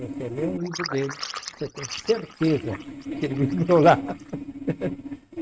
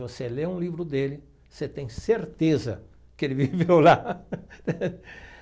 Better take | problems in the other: second | noise reduction (neural mask model RNNoise)

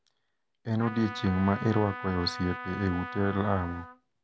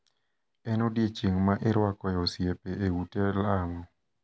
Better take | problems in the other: second | background sound (Trumpet); 11 dB below the speech

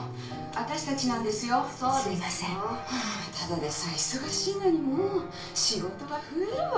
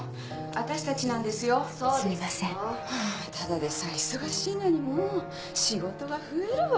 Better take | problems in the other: second | room echo; dies away in 0.4 s

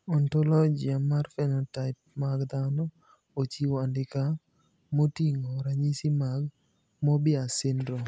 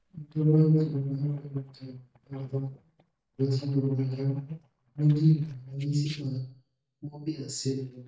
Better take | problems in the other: first | noise reduction (neural mask model DeepFilterNet 3)

